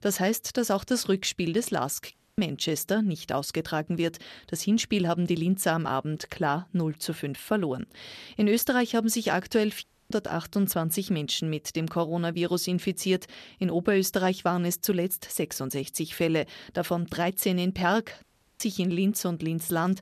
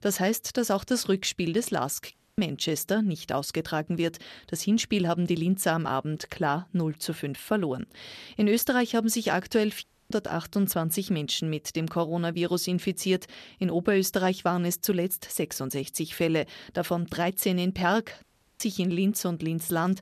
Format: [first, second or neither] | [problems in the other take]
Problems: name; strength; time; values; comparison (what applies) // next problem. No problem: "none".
neither | audio cutting out; at 2 s, at 10 s and at 18 s; the same in both